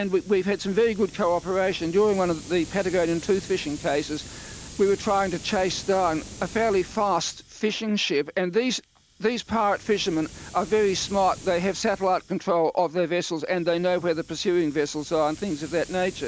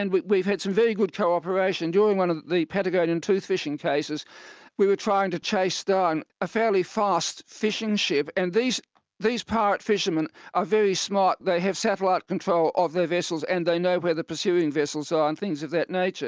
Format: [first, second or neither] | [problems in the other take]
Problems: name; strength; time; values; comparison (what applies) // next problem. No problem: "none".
second | background sound (Hiss); 18 dB below the speech